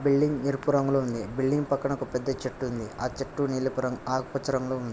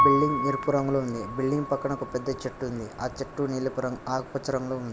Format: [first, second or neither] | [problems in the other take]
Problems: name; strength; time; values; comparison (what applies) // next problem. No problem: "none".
first | background sound (Piano); 4 dB below the speech